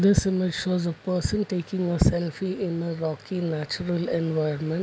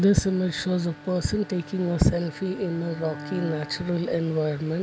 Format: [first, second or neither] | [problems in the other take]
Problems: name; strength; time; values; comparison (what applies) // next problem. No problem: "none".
first | background sound (Bowed string instrument); 17 dB below the speech